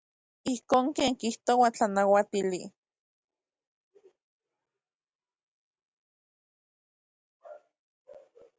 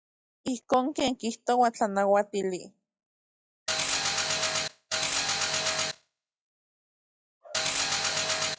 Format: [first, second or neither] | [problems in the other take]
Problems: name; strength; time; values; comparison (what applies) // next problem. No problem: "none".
first | noise reduction (classical method log-MMSE)